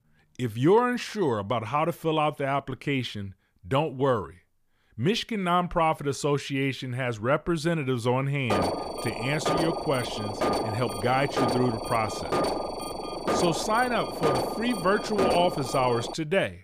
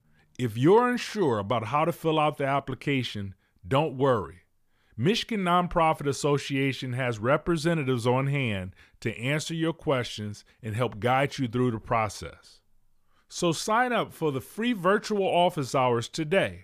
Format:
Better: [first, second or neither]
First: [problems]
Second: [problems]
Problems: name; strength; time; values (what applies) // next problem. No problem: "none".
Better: second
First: alarm; loud; from 8.5 s on; peak level with the speech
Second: none